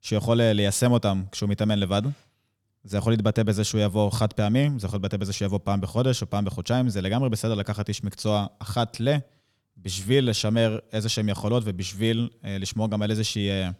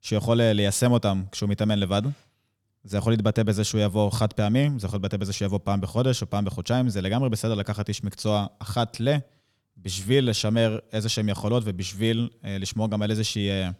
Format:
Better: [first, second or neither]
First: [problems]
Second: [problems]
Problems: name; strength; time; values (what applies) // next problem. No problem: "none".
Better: neither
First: none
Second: none